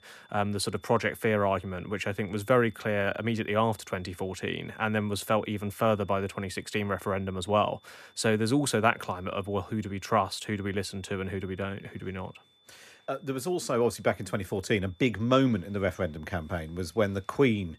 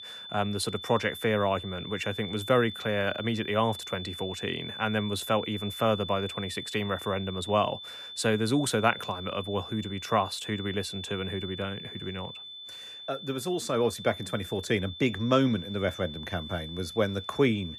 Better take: first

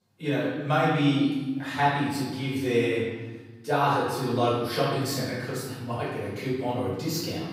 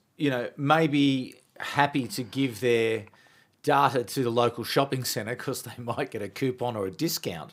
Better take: second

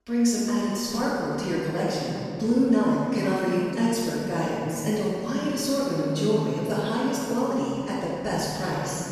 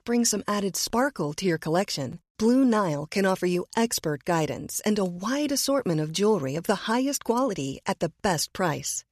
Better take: second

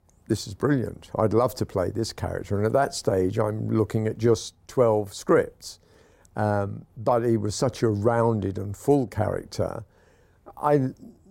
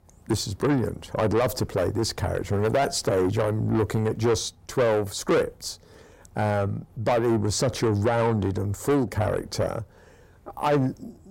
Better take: first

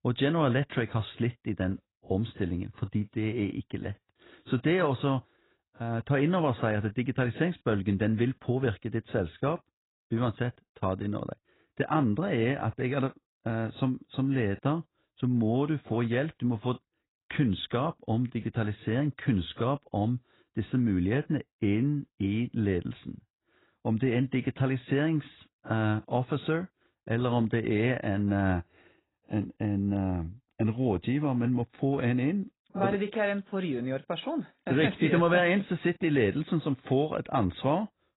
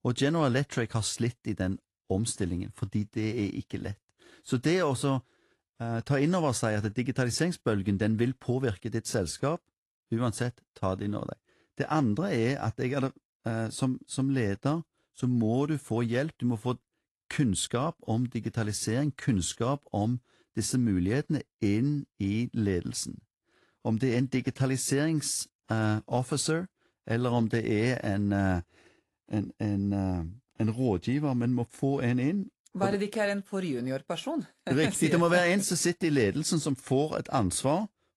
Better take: second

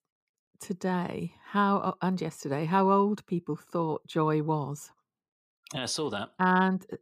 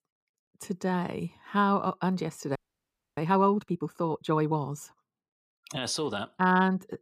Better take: first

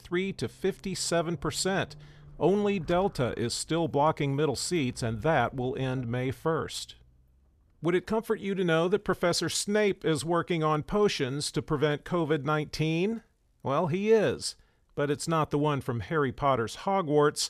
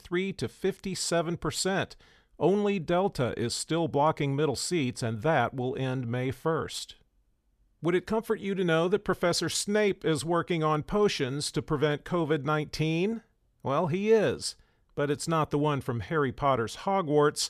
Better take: second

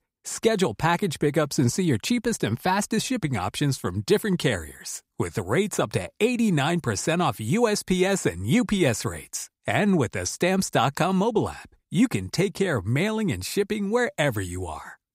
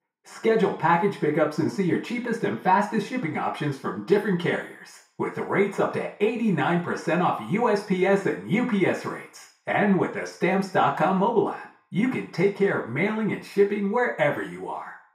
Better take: first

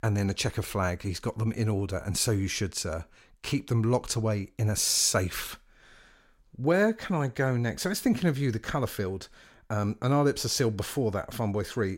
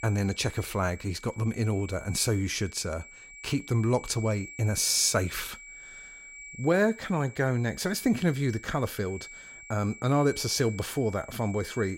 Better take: first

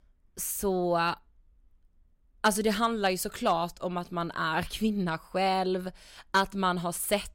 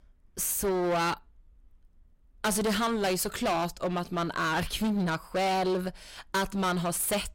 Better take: first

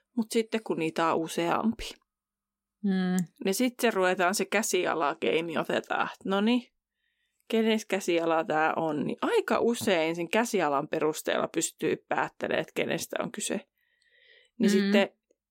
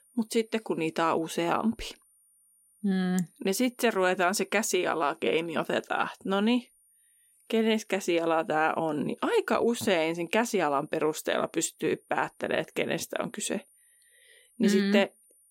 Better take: first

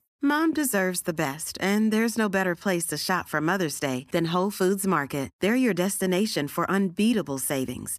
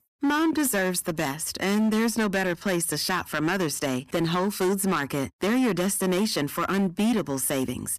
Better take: first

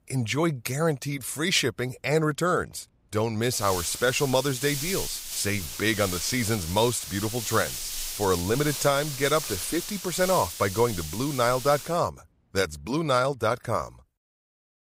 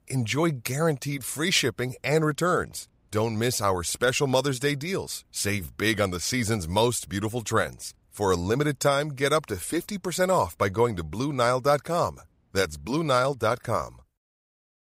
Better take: second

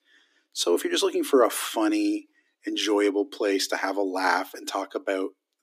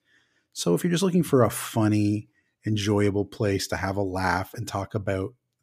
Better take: second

